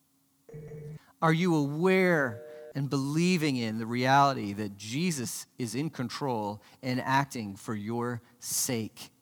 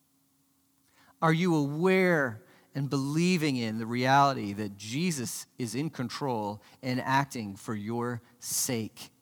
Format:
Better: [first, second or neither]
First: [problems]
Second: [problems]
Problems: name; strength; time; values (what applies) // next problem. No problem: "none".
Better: second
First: phone ringing; faint; at 0.5 s and at 2 s; peak 15 dB below the speech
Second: none